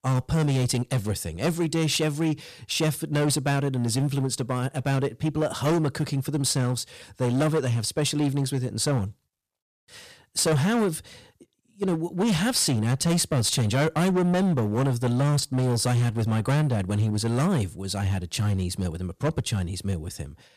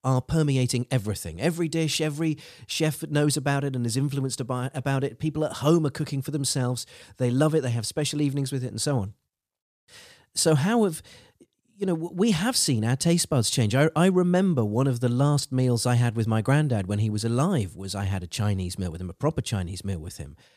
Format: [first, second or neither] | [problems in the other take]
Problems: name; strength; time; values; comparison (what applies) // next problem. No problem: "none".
second | distortion; slight; 13% of the sound clipped